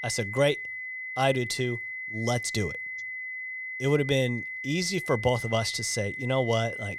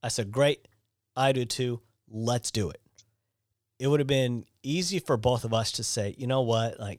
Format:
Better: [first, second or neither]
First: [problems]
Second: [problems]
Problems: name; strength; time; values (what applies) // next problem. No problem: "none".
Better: second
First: high-pitched whine; loud; throughout; 2 kHz, 6 dB below the speech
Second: none